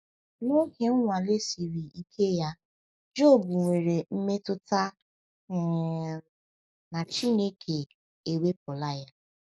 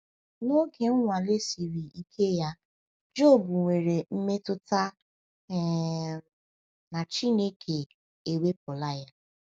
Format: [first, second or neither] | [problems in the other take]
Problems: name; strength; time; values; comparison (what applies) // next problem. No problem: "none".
second | noise reduction (neural mask model Resemble Enhance denoiser)